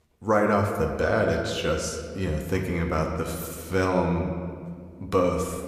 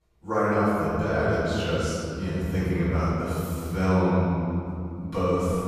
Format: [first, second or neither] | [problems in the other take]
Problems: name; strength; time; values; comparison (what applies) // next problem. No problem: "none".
first | room echo; strong; dies away in 2.9 s; slight in the first // off-mic speech; far